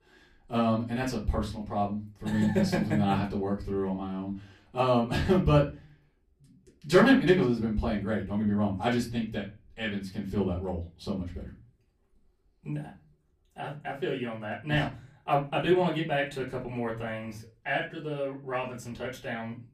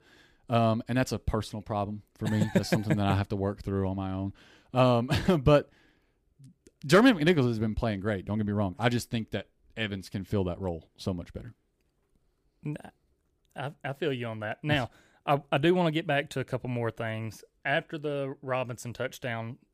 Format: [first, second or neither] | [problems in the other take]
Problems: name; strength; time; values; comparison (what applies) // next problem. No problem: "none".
second | off-mic speech; far // room echo; very slight; dies away in 0.3 s